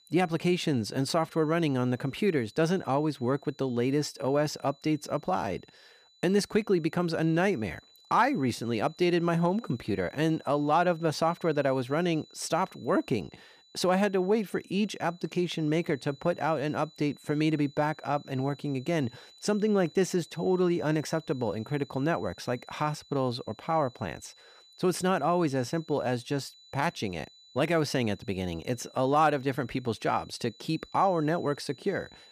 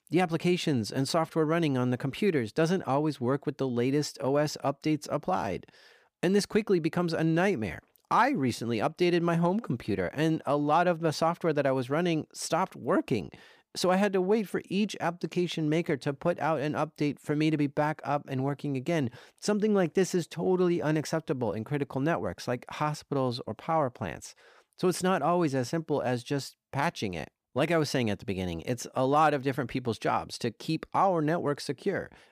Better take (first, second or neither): second